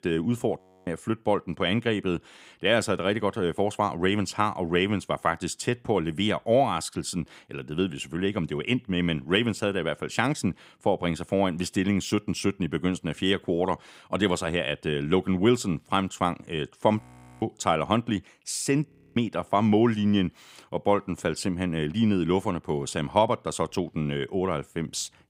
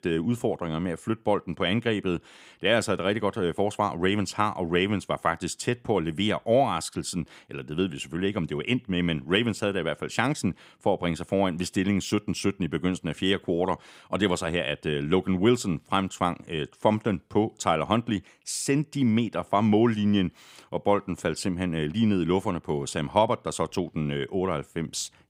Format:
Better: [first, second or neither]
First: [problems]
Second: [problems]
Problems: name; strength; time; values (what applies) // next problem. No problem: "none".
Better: second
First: audio freezing; at 0.5 s, at 17 s and at 19 s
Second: none